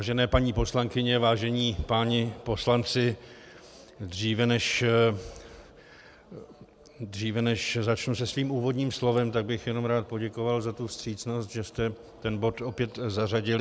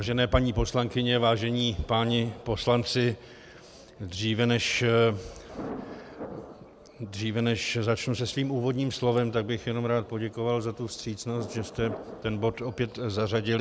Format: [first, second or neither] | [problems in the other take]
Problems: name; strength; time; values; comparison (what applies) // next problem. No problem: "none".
first | background sound (Thunder); 19 dB below the speech